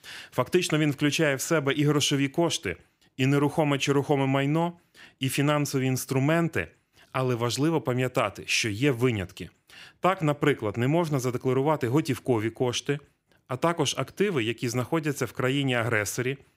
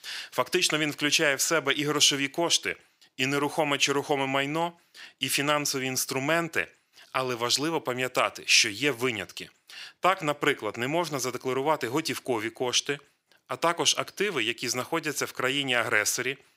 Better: first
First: none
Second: thin; somewhat; fading below 750 Hz

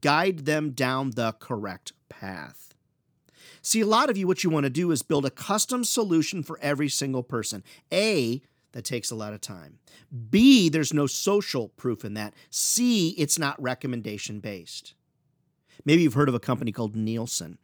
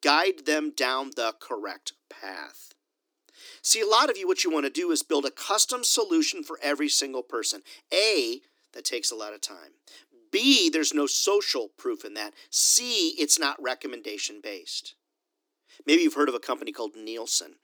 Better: first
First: none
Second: thin; somewhat; fading below 300 Hz

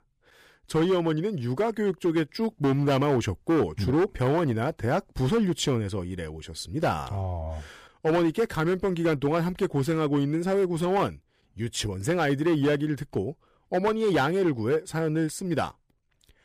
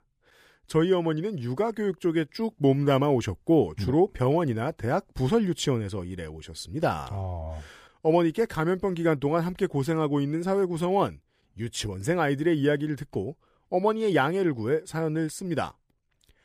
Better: second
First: distortion; slight; 7% of the sound clipped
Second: none

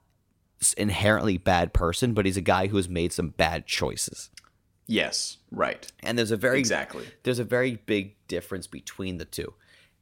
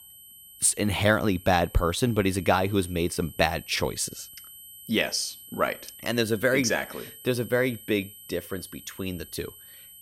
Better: first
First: none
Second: high-pitched whine; noticeable; throughout; 12 kHz, 20 dB below the speech

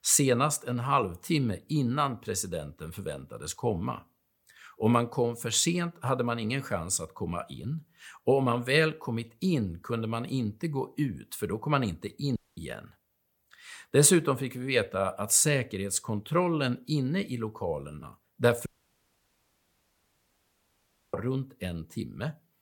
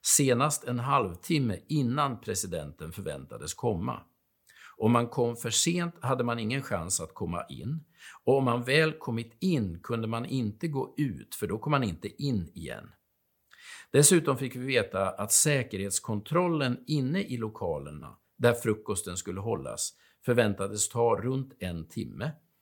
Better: second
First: audio cutting out; at 12 s and at 19 s for 2.5 s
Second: none

